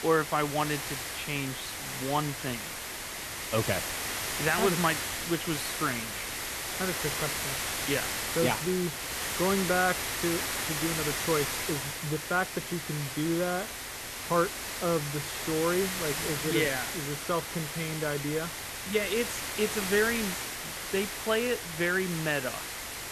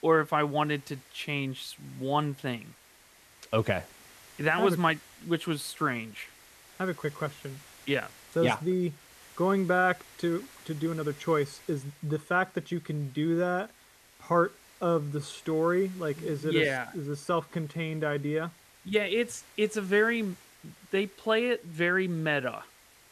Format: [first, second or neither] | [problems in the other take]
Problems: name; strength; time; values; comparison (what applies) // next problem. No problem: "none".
second | hiss; loud; throughout; 2 dB below the speech; faint in the second